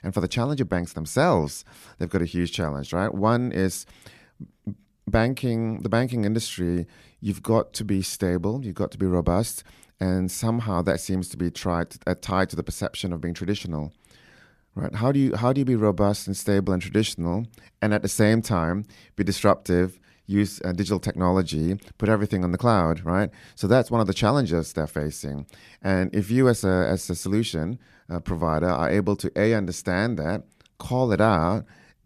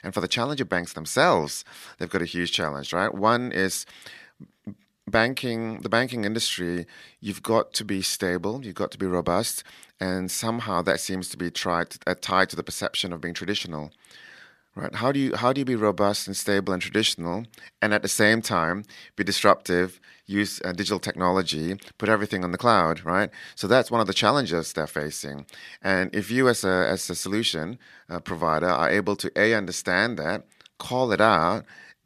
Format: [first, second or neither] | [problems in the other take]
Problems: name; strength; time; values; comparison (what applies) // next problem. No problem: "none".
first | thin; very slightly; fading below 400 Hz